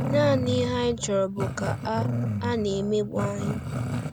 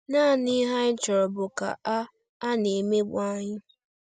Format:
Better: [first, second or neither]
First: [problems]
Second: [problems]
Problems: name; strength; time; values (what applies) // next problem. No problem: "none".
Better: second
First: background sound (Growling); 2 dB below the speech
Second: none